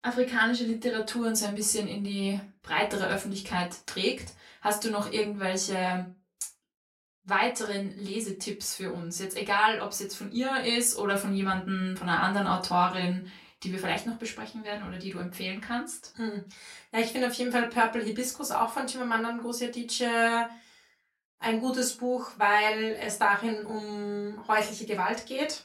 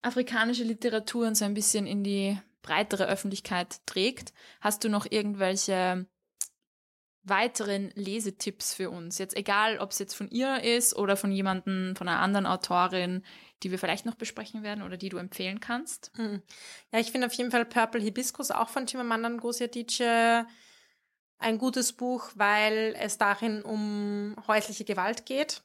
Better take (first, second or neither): second